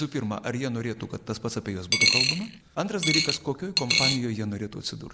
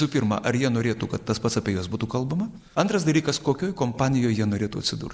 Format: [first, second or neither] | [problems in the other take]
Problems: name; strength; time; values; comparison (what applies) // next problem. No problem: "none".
second | background sound (Coin (dropping)); 4 dB above the speech